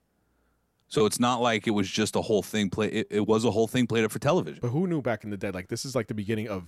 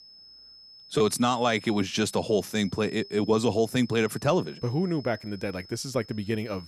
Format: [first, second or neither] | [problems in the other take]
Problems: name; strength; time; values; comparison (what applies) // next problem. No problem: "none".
first | high-pitched whine; noticeable; throughout; 5 kHz, 20 dB below the speech